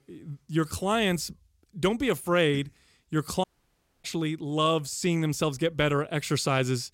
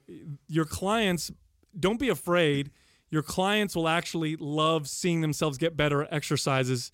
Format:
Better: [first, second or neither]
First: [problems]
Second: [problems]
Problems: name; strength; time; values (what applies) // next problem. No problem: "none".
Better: second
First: audio cutting out; at 3.5 s for 0.5 s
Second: none